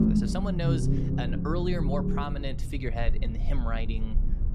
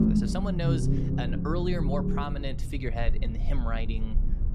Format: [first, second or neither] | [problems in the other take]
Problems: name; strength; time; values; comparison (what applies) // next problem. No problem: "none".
neither | low rumble; loud; throughout; 3 dB below the speech; the same in both